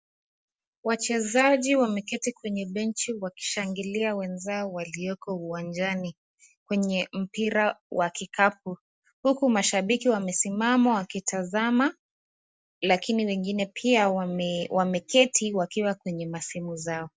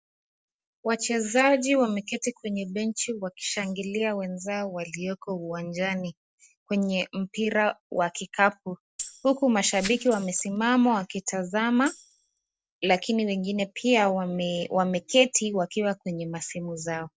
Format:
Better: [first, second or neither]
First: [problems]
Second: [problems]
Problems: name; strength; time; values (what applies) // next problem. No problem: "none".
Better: first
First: none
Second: noise reduction (neural separator model SepFormer DNS4)